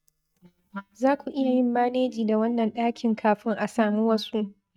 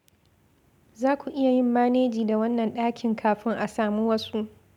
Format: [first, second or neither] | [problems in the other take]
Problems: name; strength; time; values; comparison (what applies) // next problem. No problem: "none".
second | noise reduction (neural mask model DeepFilterNet 3)